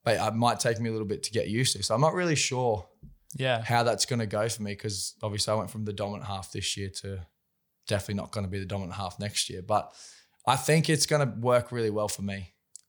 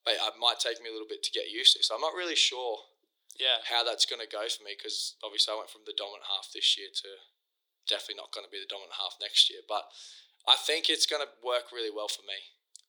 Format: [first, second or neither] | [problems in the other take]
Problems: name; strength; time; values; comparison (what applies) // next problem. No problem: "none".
first | thin; very; fading below 300 Hz